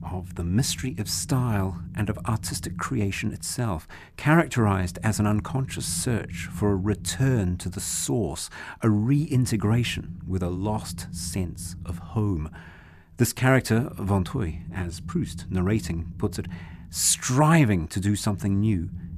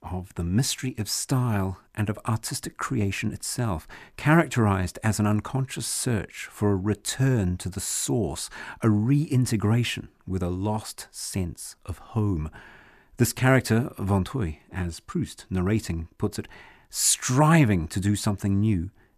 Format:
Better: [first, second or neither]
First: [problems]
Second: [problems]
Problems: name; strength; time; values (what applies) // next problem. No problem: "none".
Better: second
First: low rumble; faint; throughout; 20 dB below the speech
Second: none